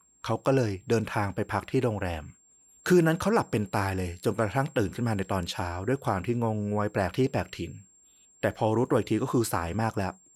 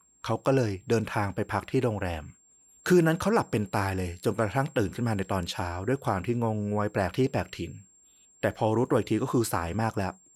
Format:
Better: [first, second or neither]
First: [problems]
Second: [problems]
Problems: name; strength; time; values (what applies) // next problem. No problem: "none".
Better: neither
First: high-pitched whine; faint; throughout; 7.5 kHz, 30 dB below the speech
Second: high-pitched whine; faint; throughout; 7.5 kHz, 30 dB below the speech